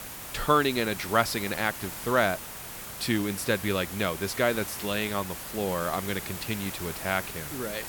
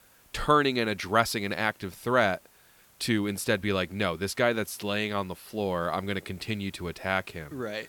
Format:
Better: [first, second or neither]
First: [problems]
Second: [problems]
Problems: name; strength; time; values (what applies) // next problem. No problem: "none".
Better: second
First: hiss; loud; throughout; 8 dB below the speech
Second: hiss; faint; throughout; 30 dB below the speech